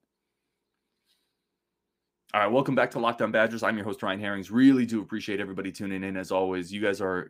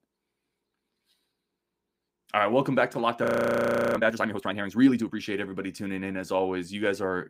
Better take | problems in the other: first | audio freezing; at 3 s for 0.5 s

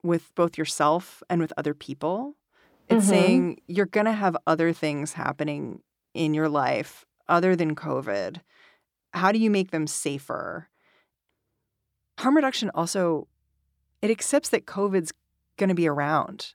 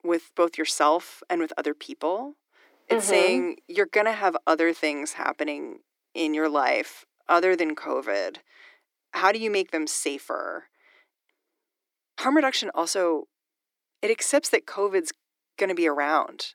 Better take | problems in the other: first | thin; somewhat; fading below 300 Hz

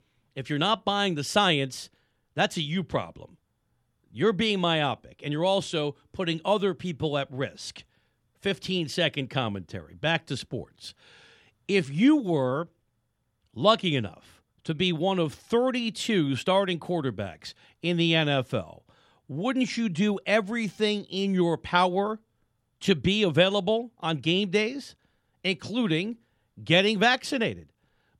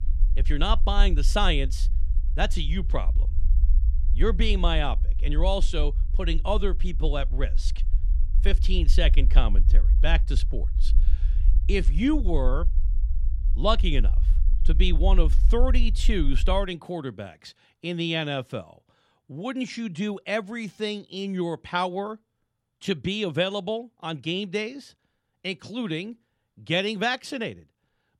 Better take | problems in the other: first | low rumble; noticeable; until 17 s; 20 dB below the speech

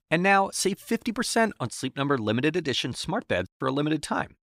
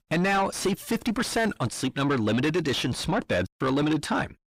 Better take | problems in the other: first | distortion; heavy; 6 dB below the speech

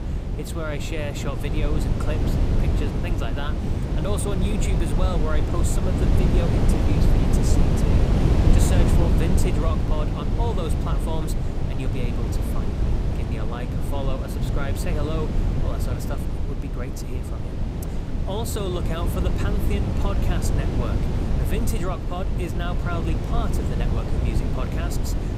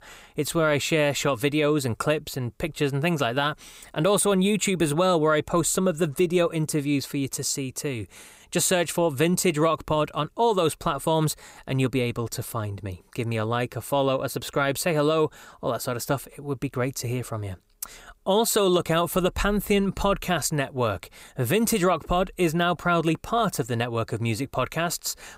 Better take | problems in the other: second | wind noise on the microphone; heavy; as loud as the speech

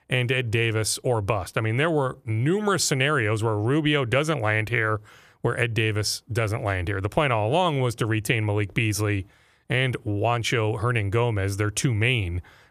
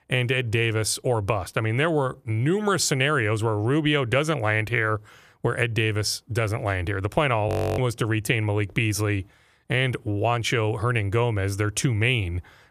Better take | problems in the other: first | audio freezing; at 7.5 s

